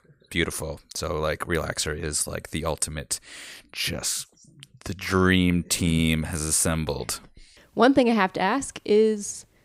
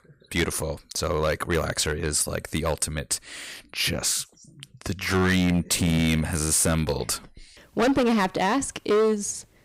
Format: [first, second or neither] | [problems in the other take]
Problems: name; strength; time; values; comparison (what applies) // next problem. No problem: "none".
first | distortion; heavy; 8% of the sound clipped